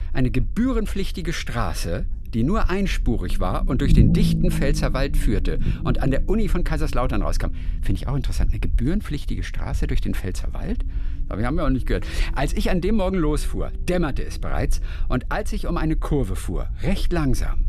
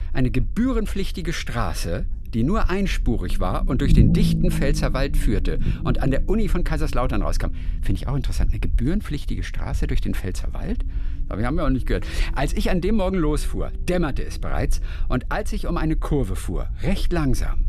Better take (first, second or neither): neither